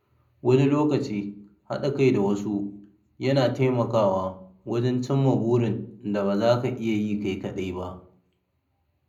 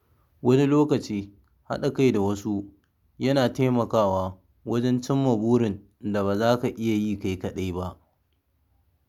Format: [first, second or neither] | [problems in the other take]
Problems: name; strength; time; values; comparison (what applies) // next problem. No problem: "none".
second | room echo; dies away in 0.5 s